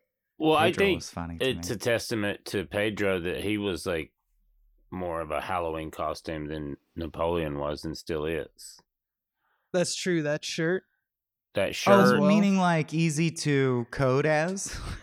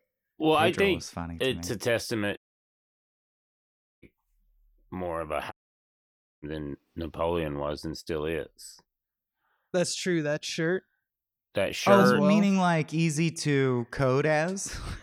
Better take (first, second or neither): first